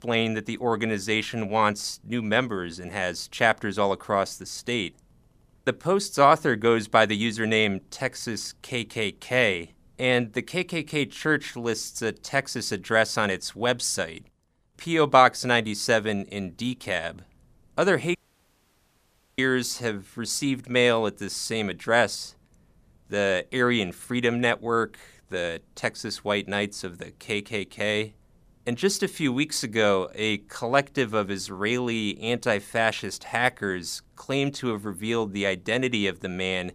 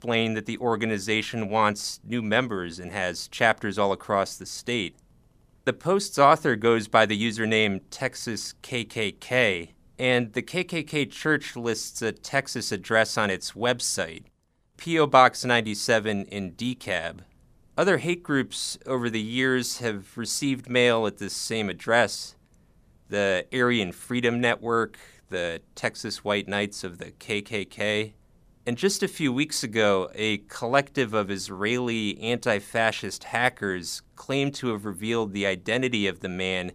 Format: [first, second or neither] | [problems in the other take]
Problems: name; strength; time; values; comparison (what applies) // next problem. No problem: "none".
second | audio cutting out; at 18 s for 1 s